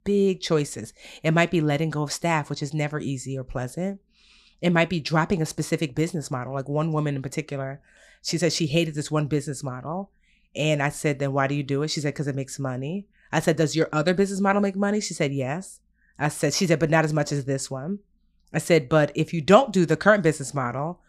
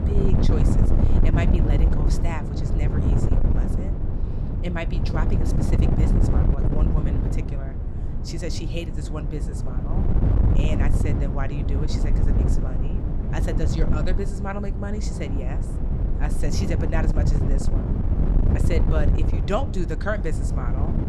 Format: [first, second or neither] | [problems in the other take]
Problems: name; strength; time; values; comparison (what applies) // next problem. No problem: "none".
first | wind noise on the microphone; heavy; 1 dB below the speech